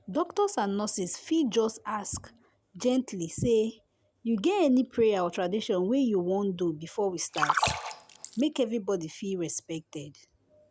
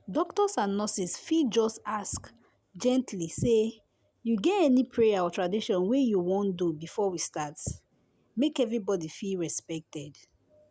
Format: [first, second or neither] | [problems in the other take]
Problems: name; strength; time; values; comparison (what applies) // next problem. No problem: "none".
second | background sound (Splash, splatter); 1 dB below the speech